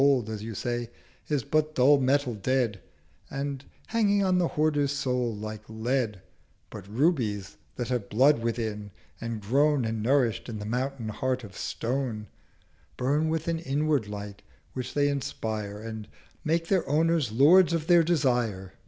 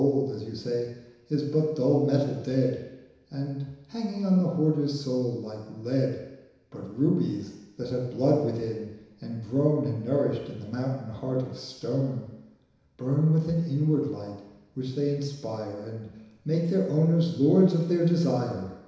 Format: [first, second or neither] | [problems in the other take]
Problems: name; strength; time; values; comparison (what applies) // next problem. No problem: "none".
first | room echo; dies away in 1 s